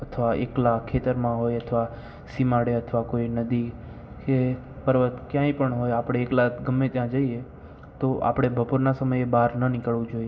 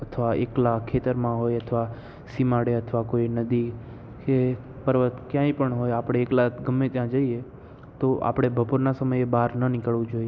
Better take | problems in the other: second | room echo; dies away in 0.4 s

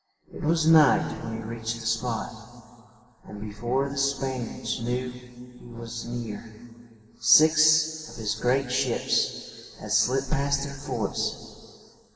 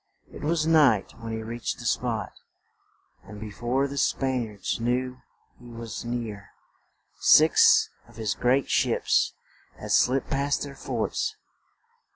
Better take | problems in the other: second | room echo; dies away in 2.4 s

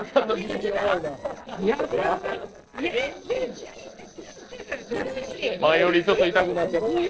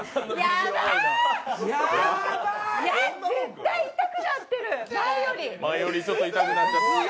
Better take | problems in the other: second | noise reduction (neural separator model SepFormer DNS4)

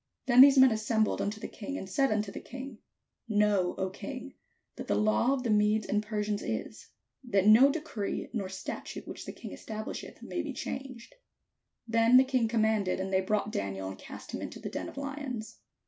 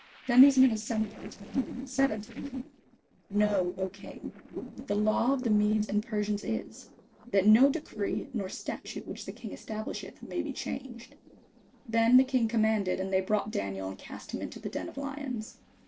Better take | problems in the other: first | noise reduction (neural separator model SepFormer DNS4)

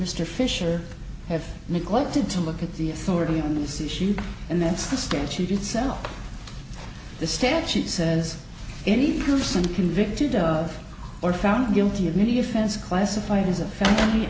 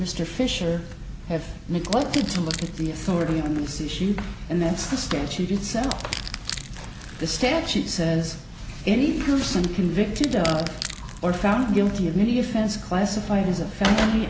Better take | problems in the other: first | background sound (Crushing); 15 dB below the speech

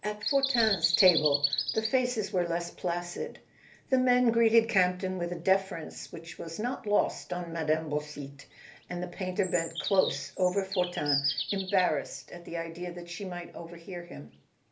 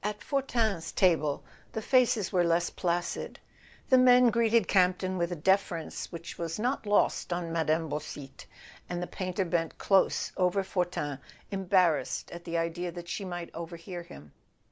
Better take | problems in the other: second | background sound (Bird vocalization, bird call, bird song); 8 dB below the speech // room echo; dies away in 0.3 s

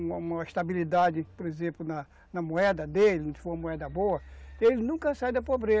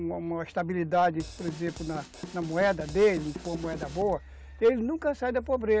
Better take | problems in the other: first | background sound (Drum kit); 13 dB below the speech

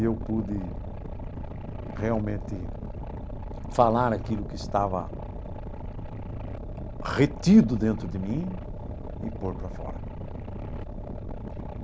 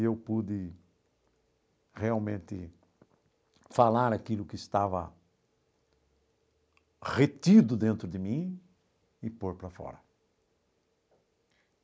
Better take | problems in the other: second | background sound (Boat, Water vehicle); 6 dB below the speech

